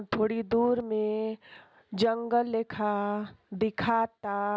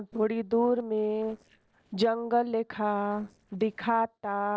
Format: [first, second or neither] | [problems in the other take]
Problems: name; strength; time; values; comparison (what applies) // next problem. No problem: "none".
first | noise reduction (neural separator model SepFormer DNS4)